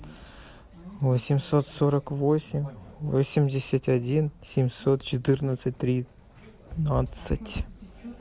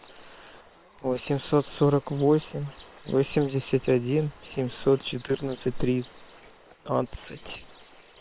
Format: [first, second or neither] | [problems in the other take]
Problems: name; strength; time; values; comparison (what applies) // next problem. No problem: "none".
first | noise reduction (neural separator model SepFormer WHAM!)